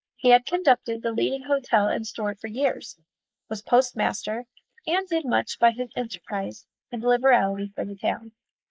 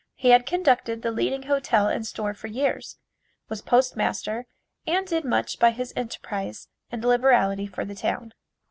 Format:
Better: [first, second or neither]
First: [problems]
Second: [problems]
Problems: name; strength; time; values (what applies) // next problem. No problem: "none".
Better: second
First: noise reduction (neural mask model Resemble Enhance denoiser)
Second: none